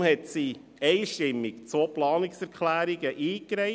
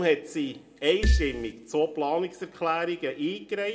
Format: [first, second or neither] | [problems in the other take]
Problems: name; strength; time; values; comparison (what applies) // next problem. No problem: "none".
first | background sound (Marimba, xylophone); 5 dB above the speech // room echo; dies away in 0.8 s